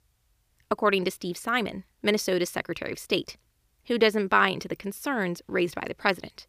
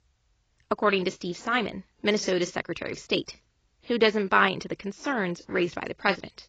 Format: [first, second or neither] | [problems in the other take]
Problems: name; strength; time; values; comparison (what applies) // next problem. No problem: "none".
first | garbled, watery; badly; nothing above 7.5 kHz